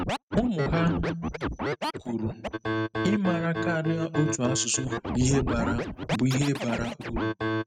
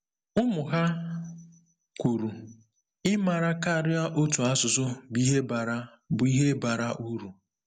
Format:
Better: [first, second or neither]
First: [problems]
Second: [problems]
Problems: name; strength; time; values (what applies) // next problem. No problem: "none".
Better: second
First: noise reduction (neural mask model RNNoise)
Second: none